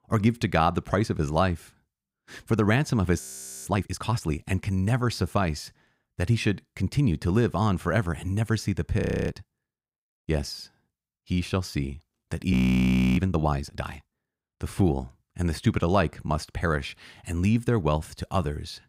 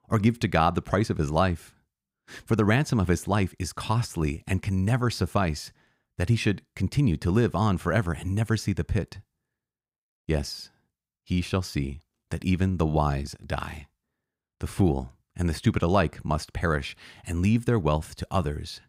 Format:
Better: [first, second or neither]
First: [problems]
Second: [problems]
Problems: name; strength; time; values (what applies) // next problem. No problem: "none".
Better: second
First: audio freezing; at 3 s, at 9 s and at 13 s for 0.5 s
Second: none